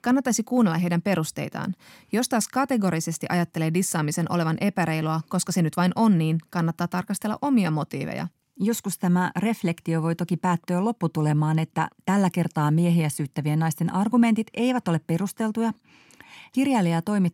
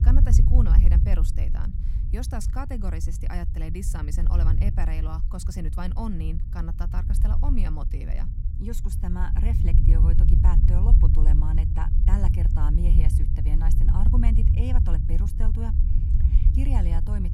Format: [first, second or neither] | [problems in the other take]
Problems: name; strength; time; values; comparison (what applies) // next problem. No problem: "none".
first | low rumble; loud; throughout; 2 dB below the speech